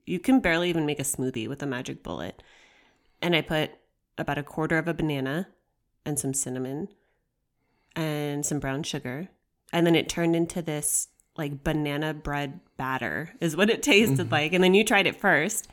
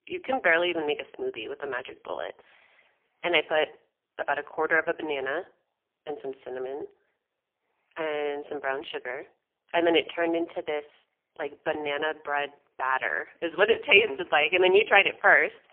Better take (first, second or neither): first